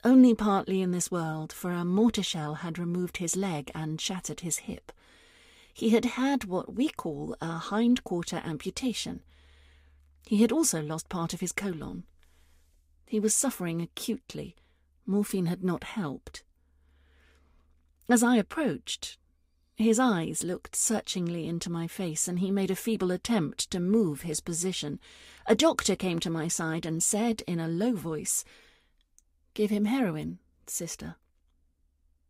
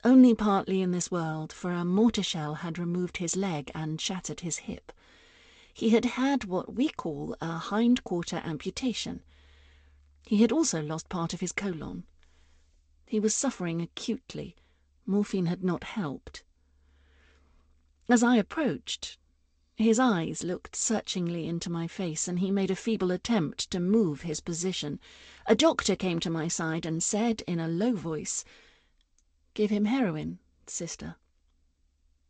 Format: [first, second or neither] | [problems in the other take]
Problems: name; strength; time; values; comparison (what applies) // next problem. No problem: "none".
first | garbled, watery; slightly; nothing above 8 kHz